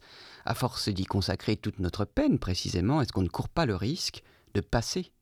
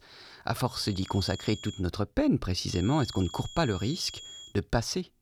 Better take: first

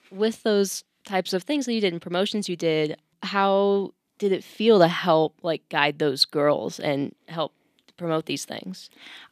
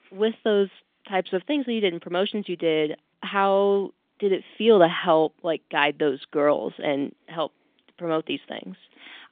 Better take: first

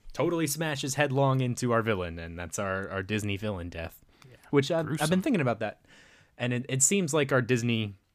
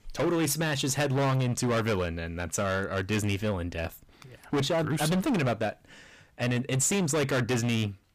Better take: first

